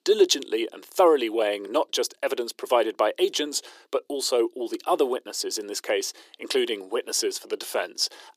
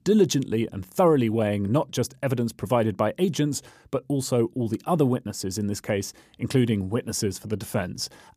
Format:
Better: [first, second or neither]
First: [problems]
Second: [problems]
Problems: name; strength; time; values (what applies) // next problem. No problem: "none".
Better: second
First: thin; very; fading below 350 Hz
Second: none